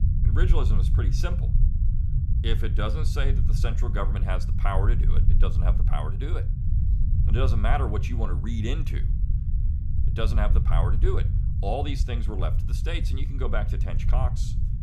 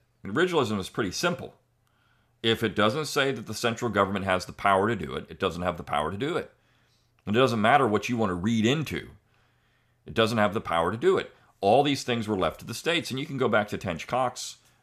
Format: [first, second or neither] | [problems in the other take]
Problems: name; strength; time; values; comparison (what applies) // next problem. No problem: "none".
second | low rumble; loud; throughout; 8 dB below the speech